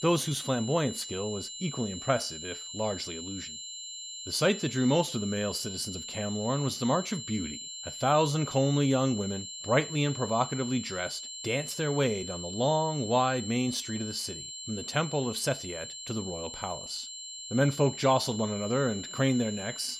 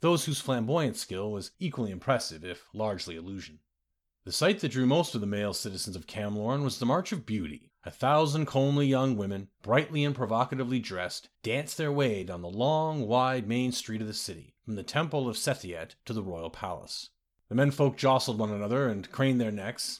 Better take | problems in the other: second | high-pitched whine; loud; throughout; 7.5 kHz, 8 dB below the speech

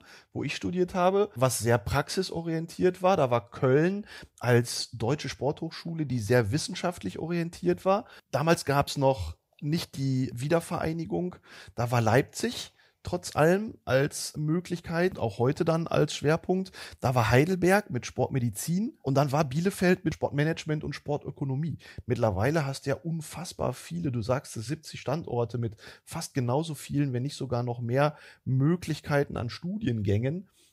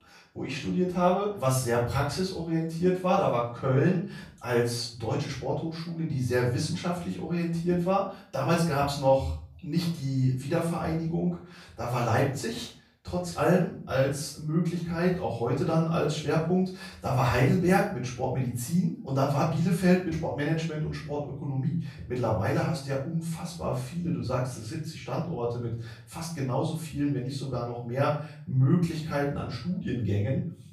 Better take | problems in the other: first | room echo; noticeable; dies away in 0.4 s // off-mic speech; far

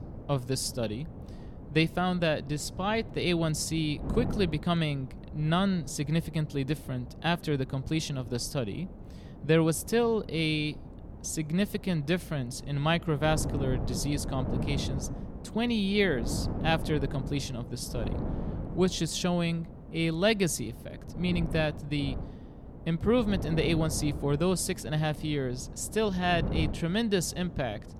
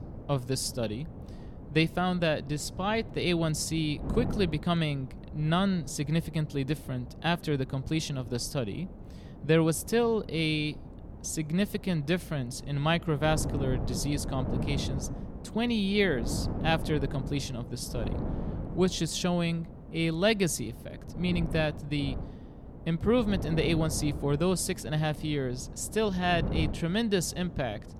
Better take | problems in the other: neither | wind noise on the microphone; occasional gusts; 15 dB below the speech; the same in both

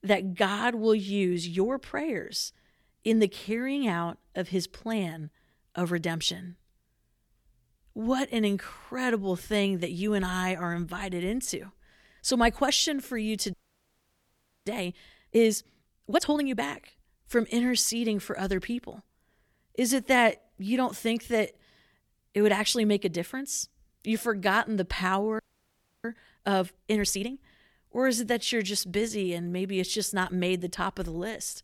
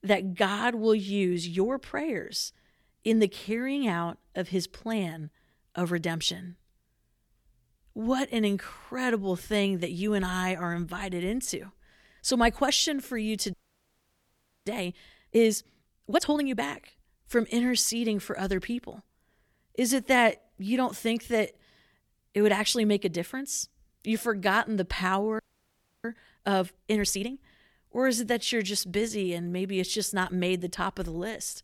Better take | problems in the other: neither | audio freezing; at 14 s for 1 s and at 25 s for 0.5 s; the same in both

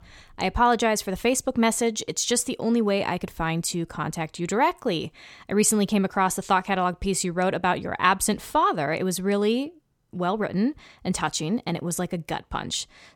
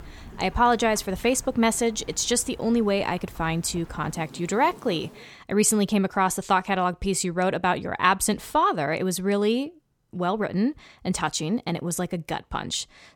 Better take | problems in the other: first | rain or running water; faint; until 5 s; 20 dB below the speech

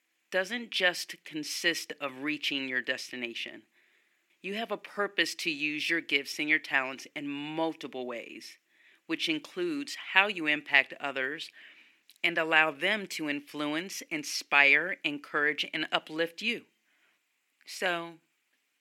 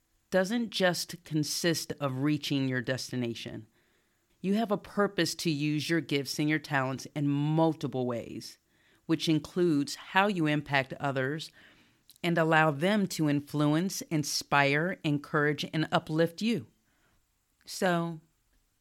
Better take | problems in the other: second | thin; somewhat; fading below 300 Hz

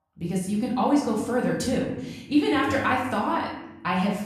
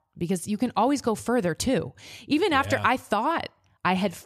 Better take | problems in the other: second | off-mic speech; far // room echo; noticeable; dies away in 0.9 s

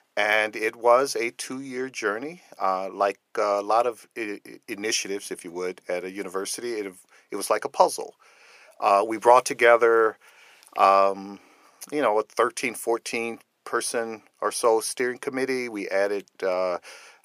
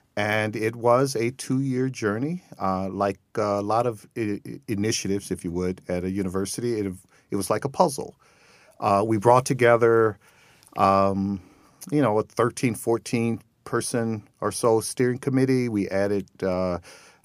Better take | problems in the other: second | thin; somewhat; fading below 500 Hz

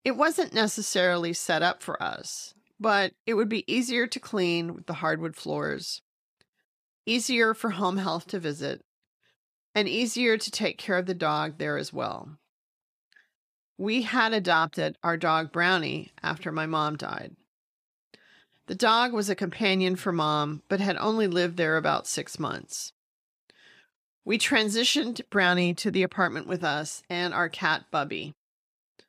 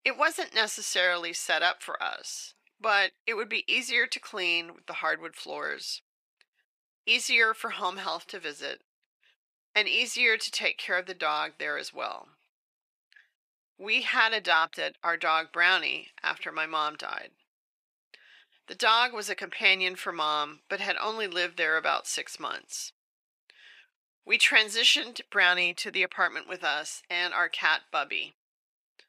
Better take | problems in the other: first | thin; very; fading below 550 Hz

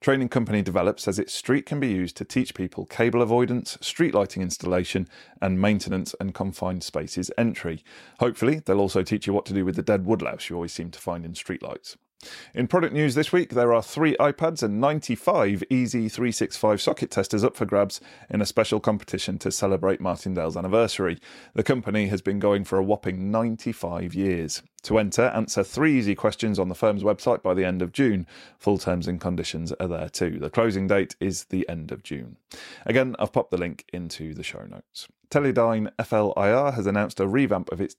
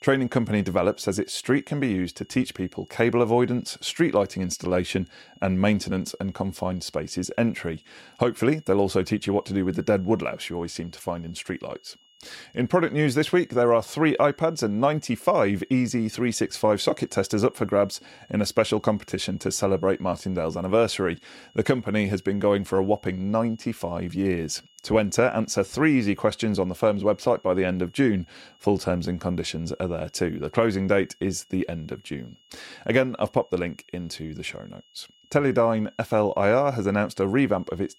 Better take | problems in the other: first | high-pitched whine; faint; throughout; 3 kHz, 30 dB below the speech

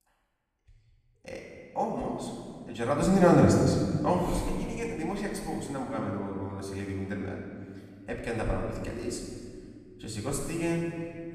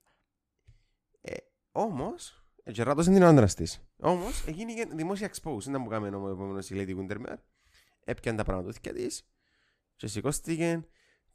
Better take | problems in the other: second | room echo; noticeable; dies away in 1.9 s // off-mic speech; far

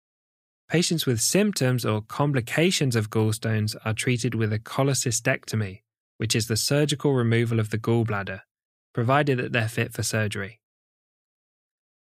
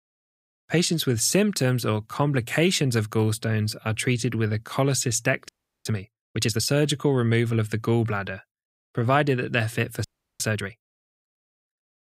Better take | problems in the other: first | audio freezing; at 5.5 s and at 10 s

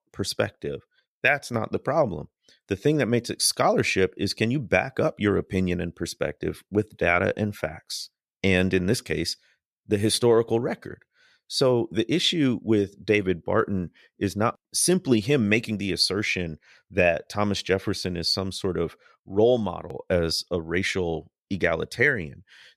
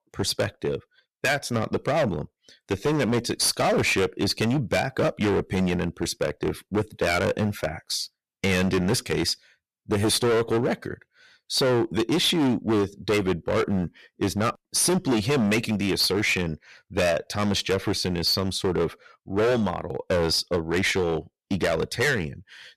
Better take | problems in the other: first | distortion; heavy; 15% of the sound clipped

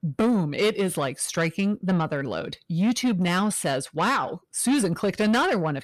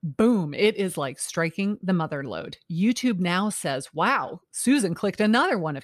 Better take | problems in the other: second | distortion; slight; 10 dB below the speech

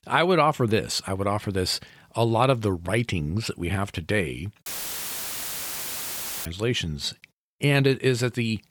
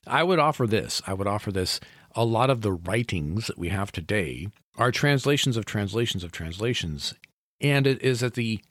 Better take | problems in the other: second | audio cutting out; filled with static; at 4.5 s for 2 s

